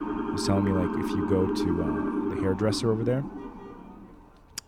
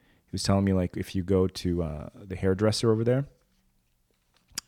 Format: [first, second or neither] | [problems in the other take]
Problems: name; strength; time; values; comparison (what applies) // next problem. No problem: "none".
second | siren; loud; until 4 s; peak 1 dB above the speech